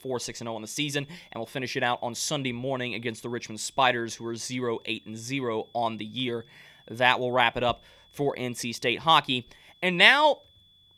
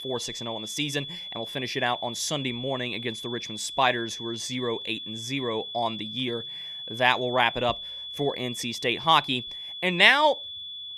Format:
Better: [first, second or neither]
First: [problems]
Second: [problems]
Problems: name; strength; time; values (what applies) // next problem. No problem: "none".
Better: first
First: high-pitched whine; faint; throughout; 3.5 kHz, 30 dB below the speech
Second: high-pitched whine; loud; throughout; 3.5 kHz, 9 dB below the speech